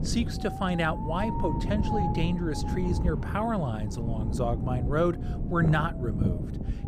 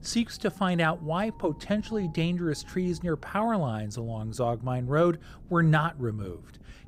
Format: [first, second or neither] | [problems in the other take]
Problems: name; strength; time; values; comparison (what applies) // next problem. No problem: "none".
second | wind noise on the microphone; heavy; 6 dB below the speech; occasional gusts in the second